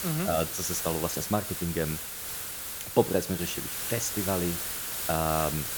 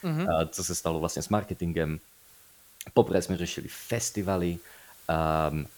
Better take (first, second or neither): second